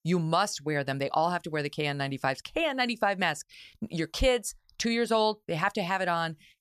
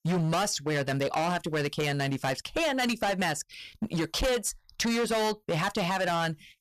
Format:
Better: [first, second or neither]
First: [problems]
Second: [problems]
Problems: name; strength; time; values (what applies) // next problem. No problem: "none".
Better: first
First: none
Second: distortion; heavy; 20% of the sound clipped